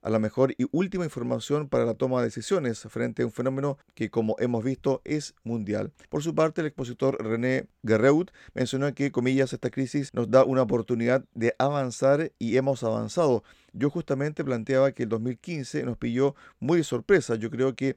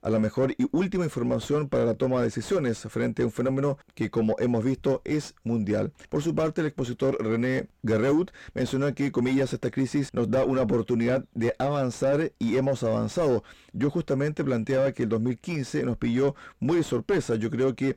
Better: first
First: none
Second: distortion; heavy; 8 dB below the speech

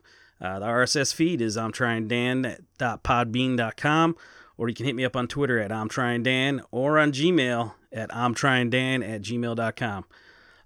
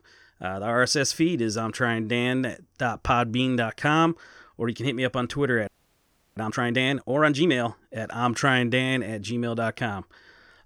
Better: first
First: none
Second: audio freezing; at 5.5 s for 0.5 s

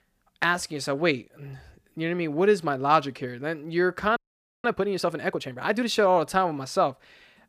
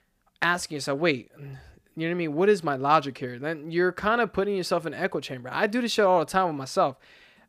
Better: second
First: audio freezing; at 4 s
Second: none

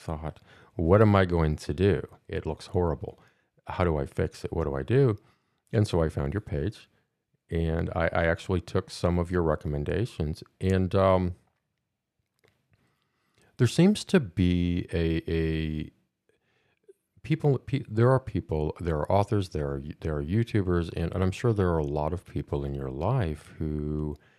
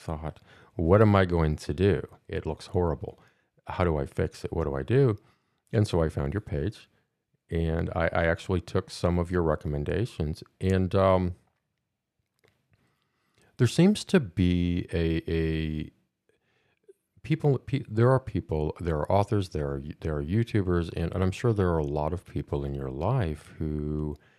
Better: neither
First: none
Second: none

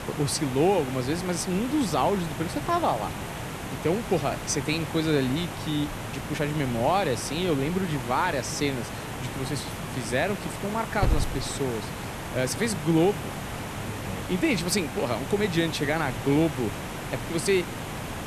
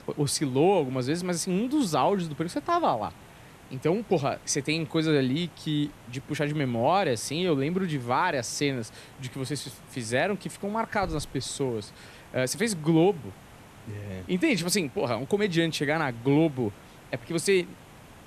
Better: second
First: hiss; loud; throughout; 7 dB below the speech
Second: hiss; faint; throughout; 20 dB below the speech

